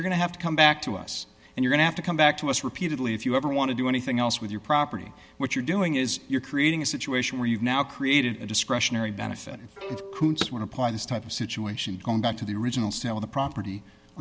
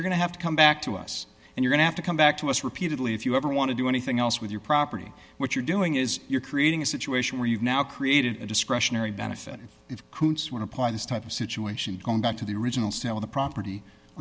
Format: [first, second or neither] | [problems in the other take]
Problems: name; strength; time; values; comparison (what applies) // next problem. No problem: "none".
second | background sound (Bowed string instrument + Car); 14 dB below the speech